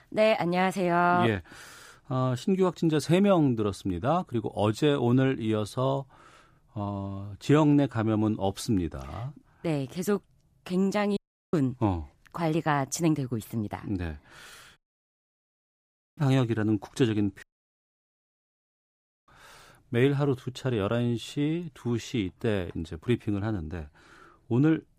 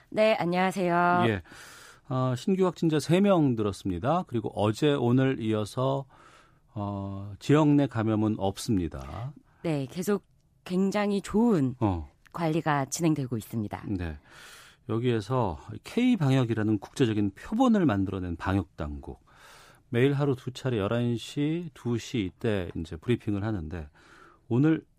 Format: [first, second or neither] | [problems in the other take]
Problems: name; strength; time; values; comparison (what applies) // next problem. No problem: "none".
second | audio cutting out; at 11 s, at 15 s for 1.5 s and at 17 s for 2 s